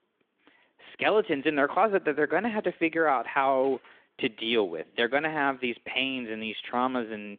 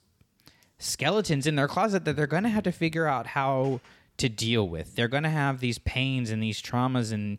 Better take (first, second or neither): second